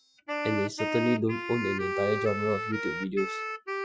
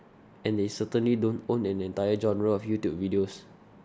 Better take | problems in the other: second | noise reduction (classical method Wiener filter)

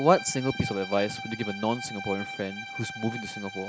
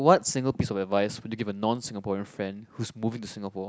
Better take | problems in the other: second | background sound (Bowed string instrument); 10 dB below the speech

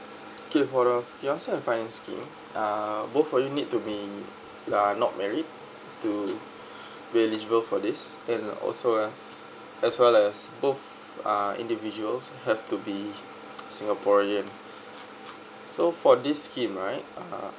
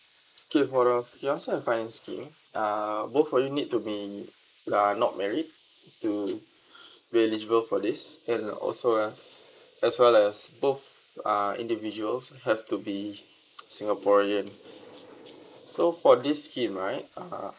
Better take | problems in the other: first | noise reduction (neural mask model Resemble Enhance denoiser)

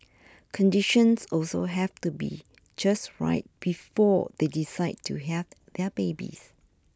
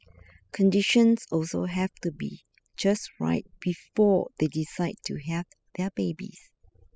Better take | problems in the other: first | noise reduction (classical method spectral subtraction)

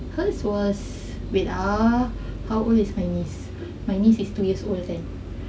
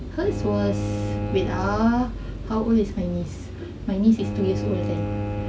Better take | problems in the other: first | background sound (Bowed string instrument); 6 dB below the speech

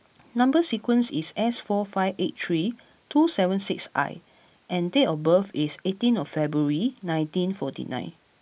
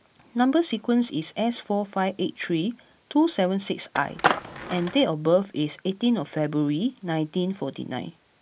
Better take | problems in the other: first | background sound (Skateboard); 2 dB below the speech

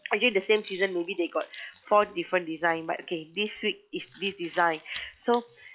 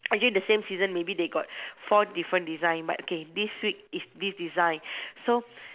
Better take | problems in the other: second | noise reduction (classical method log-MMSE)

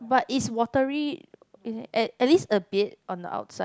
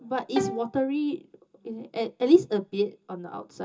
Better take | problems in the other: first | background sound (Bowed string instrument); 8 dB below the speech // room echo; dies away in 0.2 s

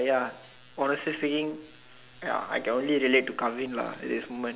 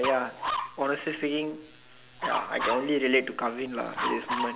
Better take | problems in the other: first | background sound (Dog); 5 dB below the speech

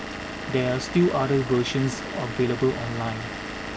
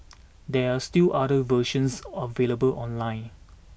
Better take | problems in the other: second | background sound (Engine / Vehicle); 8 dB below the speech

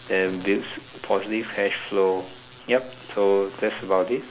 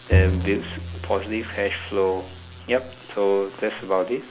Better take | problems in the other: first | background sound (Bowed string instrument); 1 dB below the speech

